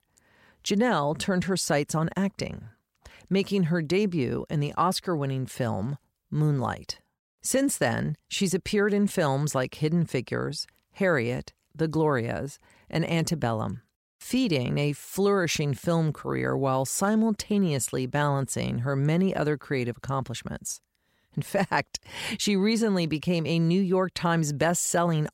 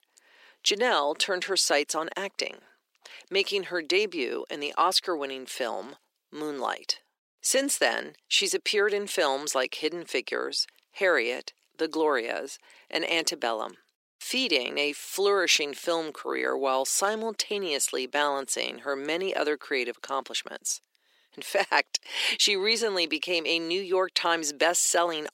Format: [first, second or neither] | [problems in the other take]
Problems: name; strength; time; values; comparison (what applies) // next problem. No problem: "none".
first | thin; very; fading below 300 Hz